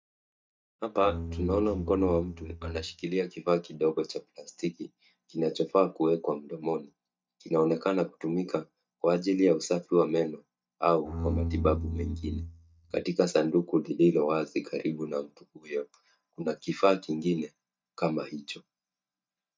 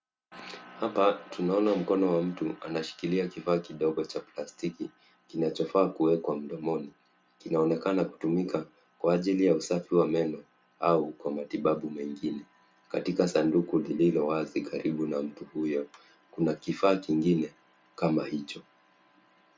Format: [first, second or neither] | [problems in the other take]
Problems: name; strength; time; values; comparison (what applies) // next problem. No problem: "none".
second | noise reduction (neural mask model DeepFilterNet 3)